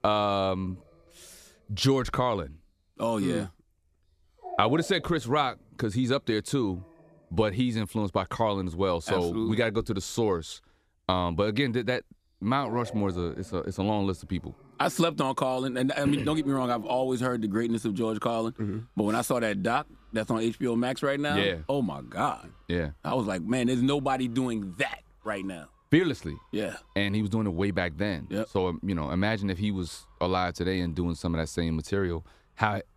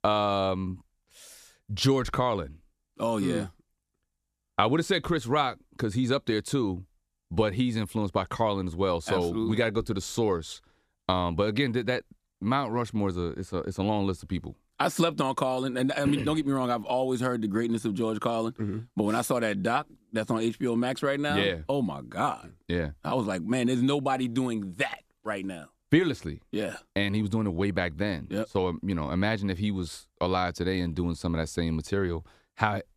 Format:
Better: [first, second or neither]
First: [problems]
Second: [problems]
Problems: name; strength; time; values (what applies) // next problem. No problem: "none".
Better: second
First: animal sounds; faint; throughout; 25 dB below the speech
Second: none